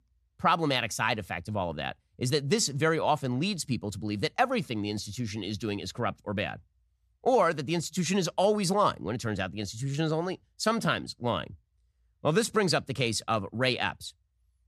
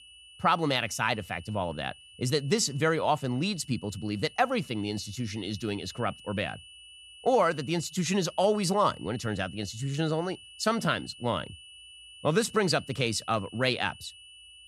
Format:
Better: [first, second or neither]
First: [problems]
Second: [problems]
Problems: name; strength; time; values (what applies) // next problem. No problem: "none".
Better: first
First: none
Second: high-pitched whine; noticeable; throughout; 3 kHz, 20 dB below the speech